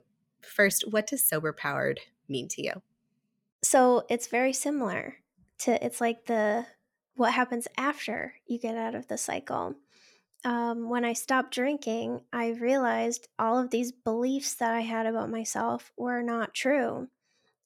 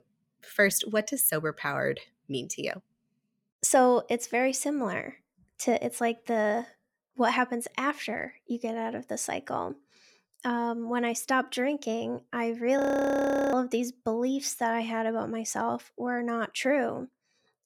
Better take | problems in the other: first | audio freezing; at 13 s for 0.5 s

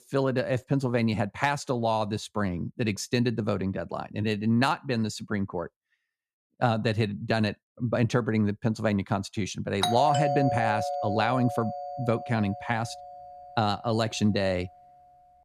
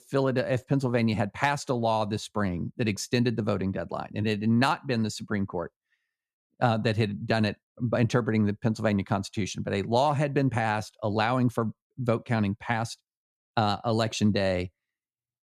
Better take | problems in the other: second | doorbell; loud; from 10 to 12 s; peak 1 dB above the speech

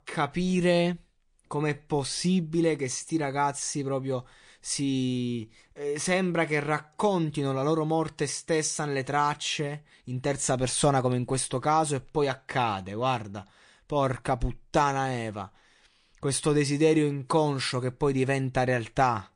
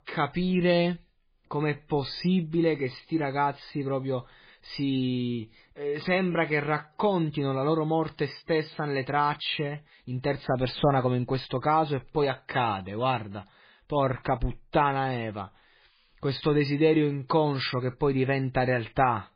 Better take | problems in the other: first | garbled, watery; badly; slightly in the first

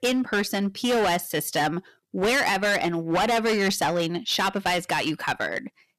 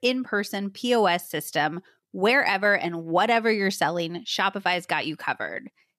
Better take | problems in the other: second | distortion; heavy; 19% of the sound clipped

